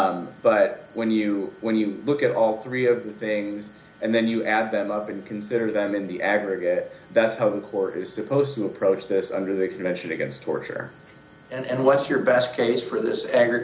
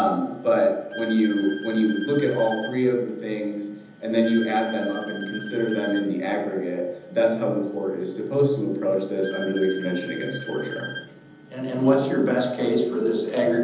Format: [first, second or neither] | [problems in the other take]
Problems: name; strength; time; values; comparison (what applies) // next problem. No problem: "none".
first | background sound (Bowed string instrument); 14 dB below the speech // room echo; dies away in 0.9 s